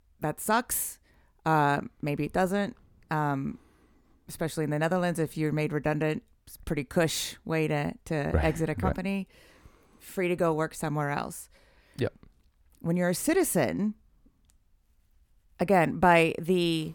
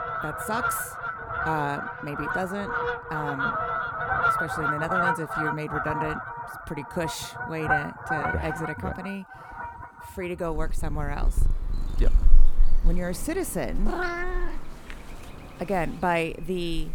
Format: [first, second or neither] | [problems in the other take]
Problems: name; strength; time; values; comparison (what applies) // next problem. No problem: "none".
first | animal sounds; very loud; throughout; 3 dB above the speech